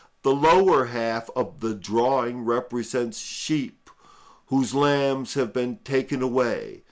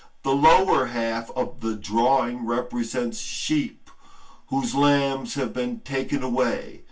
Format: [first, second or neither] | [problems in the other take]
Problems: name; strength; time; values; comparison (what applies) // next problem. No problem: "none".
first | room echo; dies away in 0.2 s